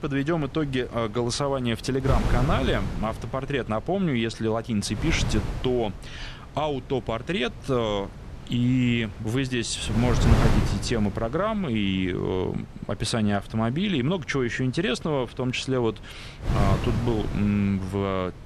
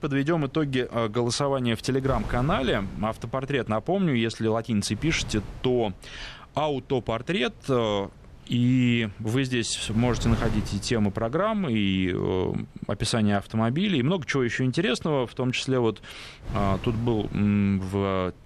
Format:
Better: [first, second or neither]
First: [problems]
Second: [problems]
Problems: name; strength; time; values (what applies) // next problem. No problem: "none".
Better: second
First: wind noise on the microphone; heavy; 9 dB below the speech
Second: wind noise on the microphone; occasional gusts; 20 dB below the speech